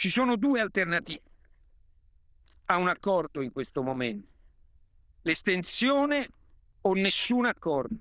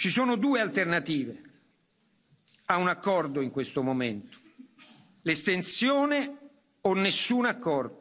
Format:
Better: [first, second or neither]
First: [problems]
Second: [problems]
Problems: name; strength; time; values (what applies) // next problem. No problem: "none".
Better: second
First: noise reduction (neural diffusion model UNIVERSE++)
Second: none